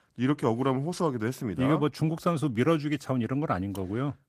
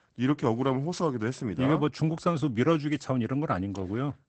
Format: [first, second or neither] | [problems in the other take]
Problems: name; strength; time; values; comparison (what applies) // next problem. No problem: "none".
first | garbled, watery; badly; nothing above 8 kHz; slightly in the first